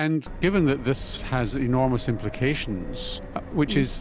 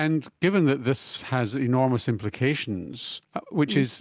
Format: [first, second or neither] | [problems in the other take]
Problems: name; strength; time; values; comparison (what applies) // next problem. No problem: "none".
second | background sound (Subway, metro, underground); 9 dB below the speech